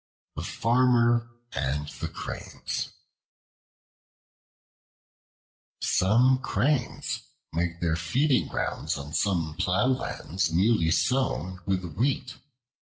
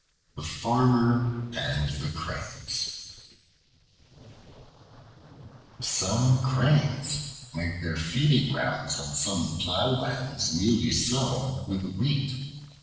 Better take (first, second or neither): first